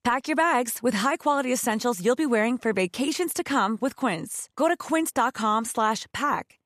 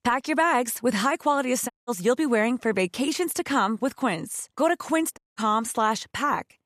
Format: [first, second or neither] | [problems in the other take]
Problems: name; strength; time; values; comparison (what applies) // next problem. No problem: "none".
first | audio cutting out; at 1.5 s and at 5 s